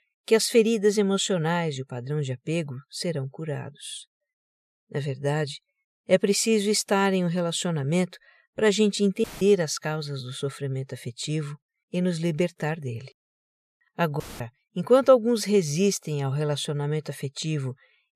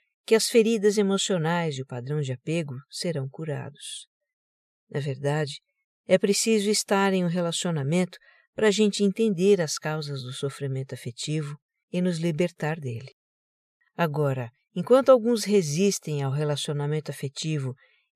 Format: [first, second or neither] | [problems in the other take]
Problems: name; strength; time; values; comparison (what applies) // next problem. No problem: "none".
second | audio cutting out; filled with static; at 9 s and at 14 s